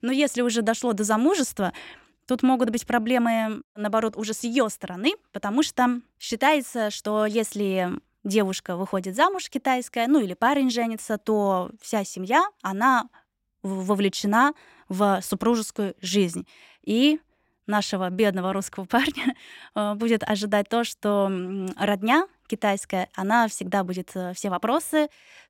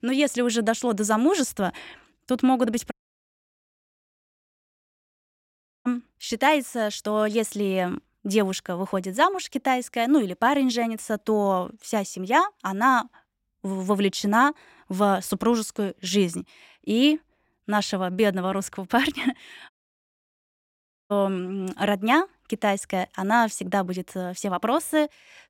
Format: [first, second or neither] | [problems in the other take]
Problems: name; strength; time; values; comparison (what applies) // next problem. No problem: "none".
first | audio cutting out; at 3 s for 3 s and at 20 s for 1.5 s